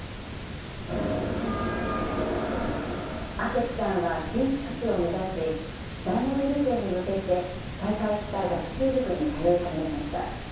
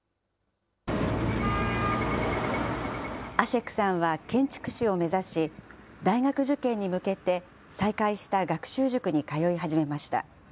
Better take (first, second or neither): second